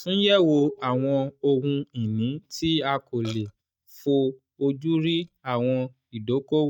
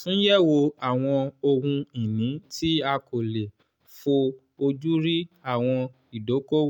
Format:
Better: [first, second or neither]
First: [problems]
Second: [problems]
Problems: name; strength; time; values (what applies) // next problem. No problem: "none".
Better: second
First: noise reduction (neural mask model DeepFilterNet 3)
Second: none